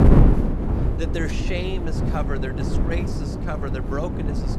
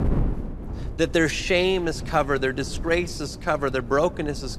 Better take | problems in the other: second | wind noise on the microphone; heavy; as loud as the speech; occasional gusts in the second

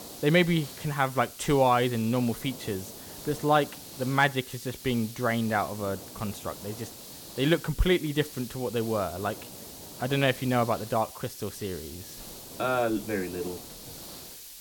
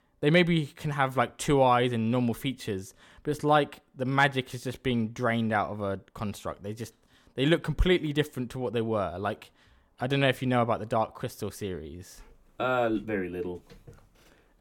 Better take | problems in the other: second | hiss; noticeable; throughout; 15 dB below the speech

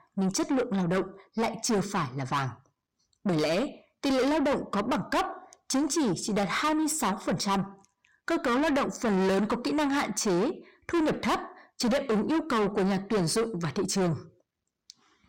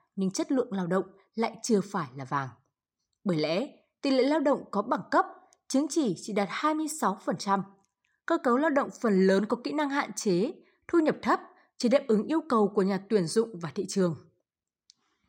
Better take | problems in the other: second | distortion; heavy; 6 dB below the speech

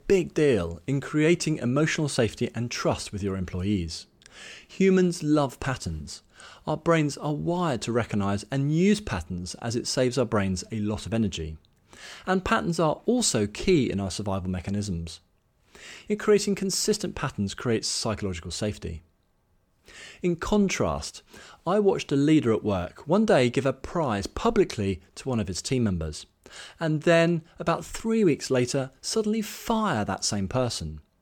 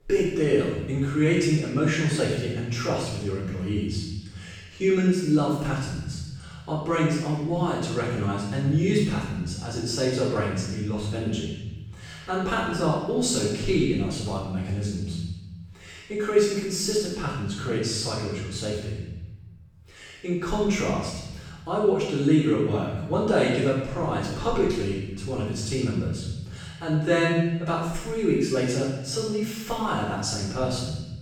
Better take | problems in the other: first | off-mic speech; far // room echo; strong; dies away in 1.2 s

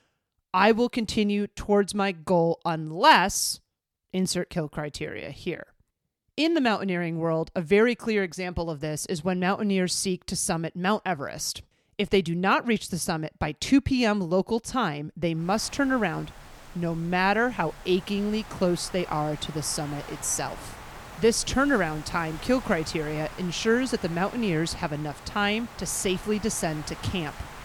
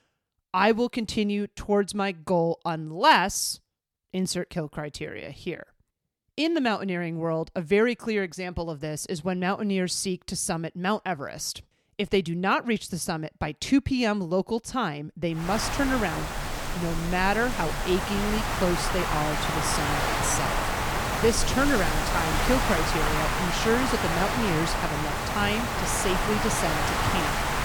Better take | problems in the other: first | wind noise on the microphone; heavy; from 15 s on; 1 dB above the speech; occasional gusts in the first

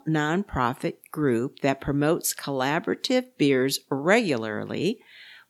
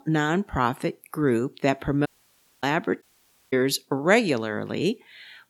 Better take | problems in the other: first | audio cutting out; at 2 s for 0.5 s and at 3 s for 0.5 s

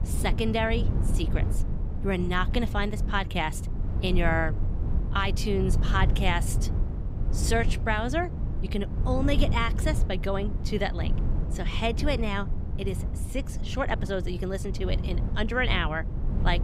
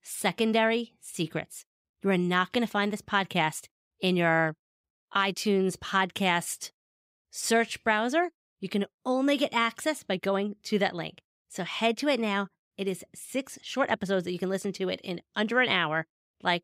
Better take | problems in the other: second | wind noise on the microphone; occasional gusts; 10 dB below the speech

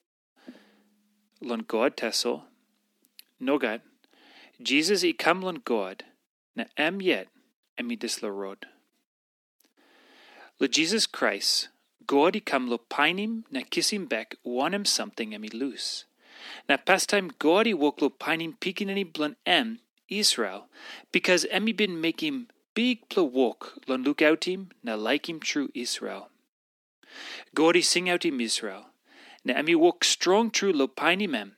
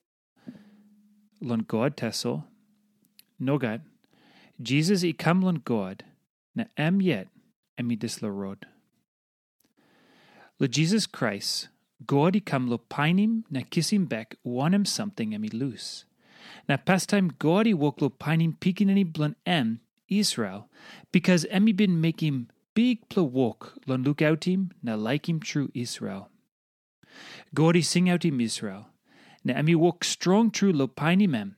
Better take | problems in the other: second | thin; somewhat; fading below 250 Hz

